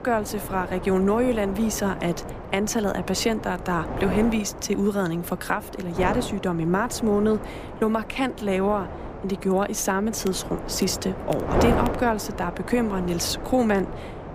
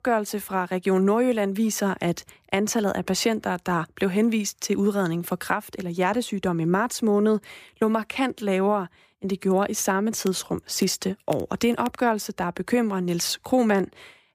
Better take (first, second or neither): second